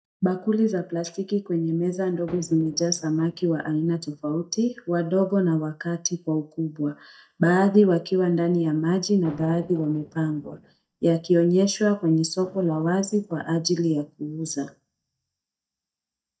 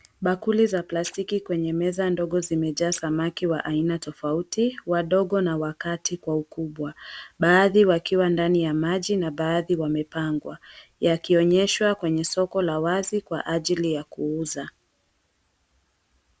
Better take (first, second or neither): second